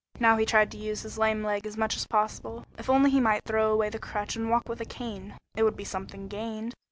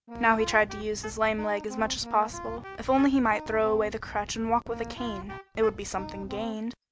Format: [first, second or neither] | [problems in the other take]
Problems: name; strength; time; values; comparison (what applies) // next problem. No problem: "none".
first | background sound (Wind instrument, woodwind instrument); 14 dB below the speech